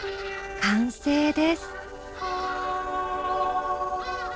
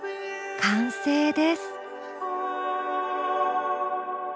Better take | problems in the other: second | noise reduction (neural separator model SepFormer DNS4)

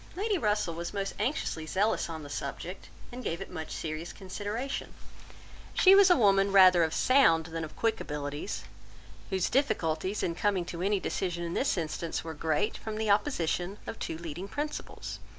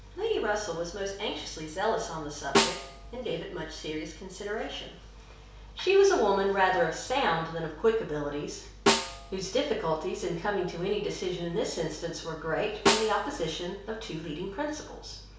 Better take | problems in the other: first | background sound (Snare drum); 3 dB below the speech // room echo; dies away in 0.6 s

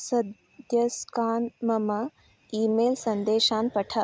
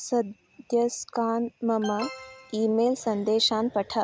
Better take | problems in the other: first | background sound (Alarm); 15 dB below the speech

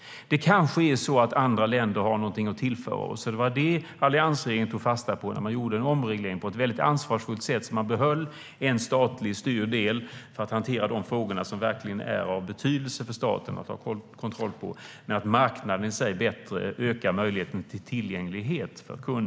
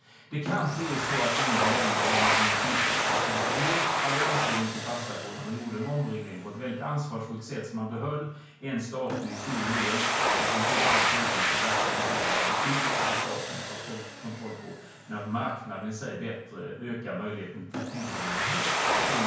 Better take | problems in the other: first | background sound (Domestic sounds, home sounds); 4 dB above the speech // room echo; dies away in 0.5 s

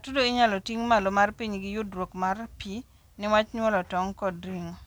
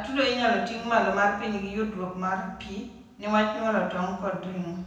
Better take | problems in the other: first | room echo; dies away in 0.9 s

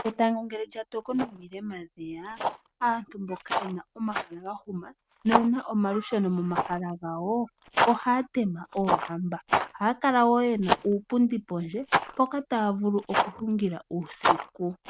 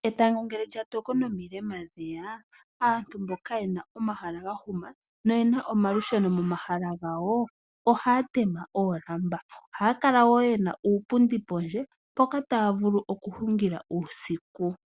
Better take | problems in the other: second | noise reduction (neural mask model RNNoise)

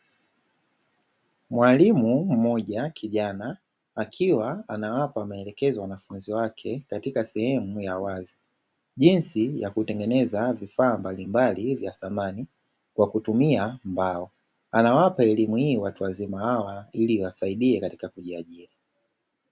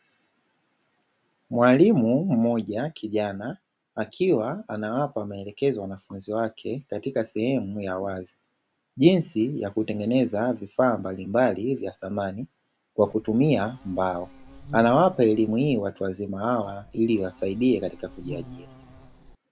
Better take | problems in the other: first | background sound (Insect); 19 dB below the speech

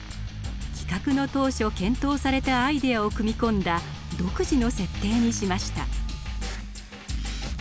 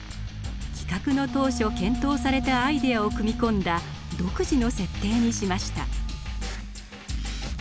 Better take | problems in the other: first | background sound (Wind instrument, woodwind instrument); 8 dB below the speech

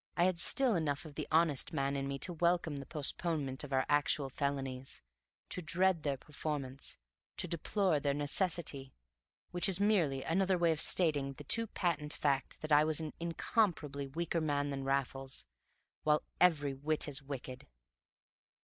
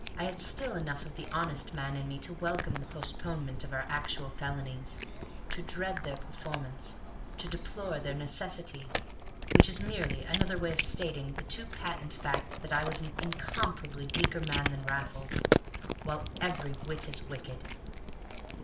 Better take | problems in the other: first | background sound (Cat); 2 dB above the speech // room echo; dies away in 0.4 s

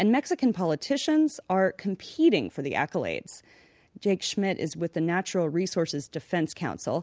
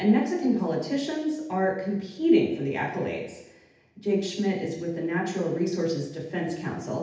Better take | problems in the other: first | room echo; dies away in 0.8 s

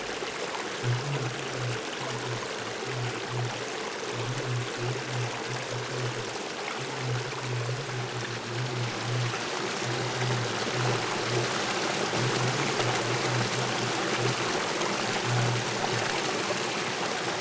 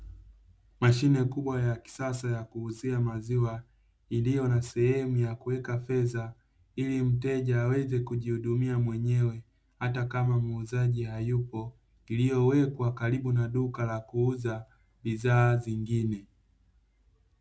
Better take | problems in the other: second | background sound (Stream); 5 dB above the speech // room echo; dies away in 0.1 s

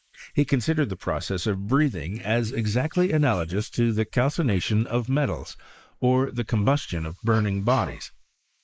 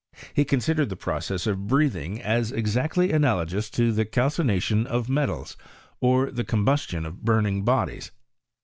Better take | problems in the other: second | noise reduction (neural mask model Resemble Enhance denoiser)

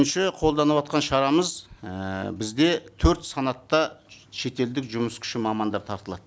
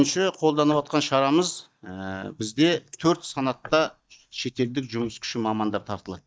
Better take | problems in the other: first | noise reduction (neural mask model DeepFilterNet 3)

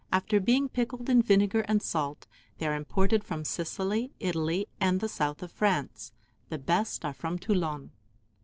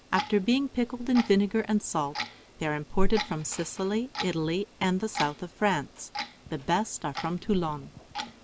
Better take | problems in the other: first | background sound (Clock); 13 dB below the speech

